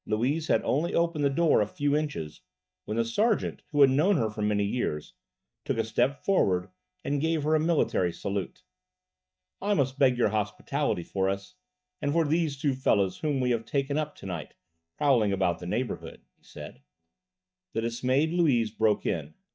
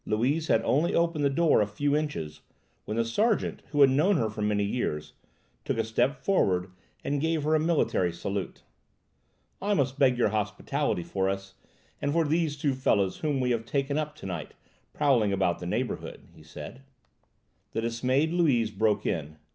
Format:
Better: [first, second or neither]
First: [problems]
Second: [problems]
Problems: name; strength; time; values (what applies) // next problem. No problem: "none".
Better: second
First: noise reduction (neural mask model DeepFilterNet 3)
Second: none